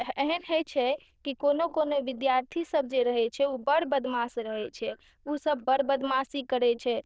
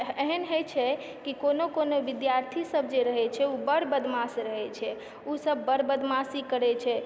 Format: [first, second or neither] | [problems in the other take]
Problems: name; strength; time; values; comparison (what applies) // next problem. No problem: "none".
second | noise reduction (neural diffusion model UNIVERSE++)